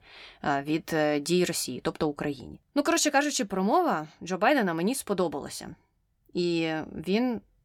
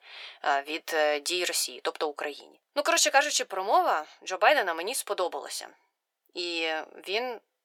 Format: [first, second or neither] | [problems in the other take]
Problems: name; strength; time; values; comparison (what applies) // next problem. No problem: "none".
first | thin; very; fading below 500 Hz